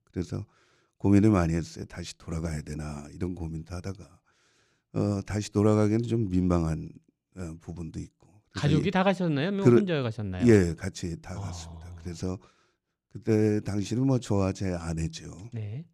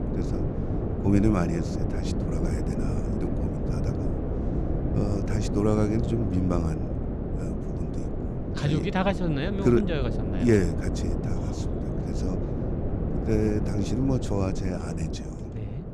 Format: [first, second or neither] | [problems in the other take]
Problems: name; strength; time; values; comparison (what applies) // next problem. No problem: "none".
first | wind noise on the microphone; heavy; 5 dB below the speech